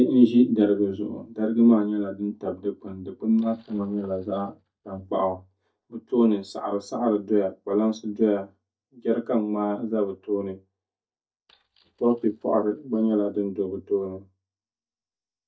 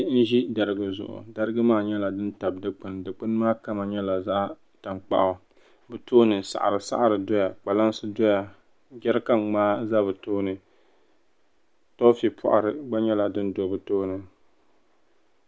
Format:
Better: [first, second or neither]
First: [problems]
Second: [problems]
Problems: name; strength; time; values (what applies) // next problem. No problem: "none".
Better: second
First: noise reduction (neural mask model DeepFilterNet 3)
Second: none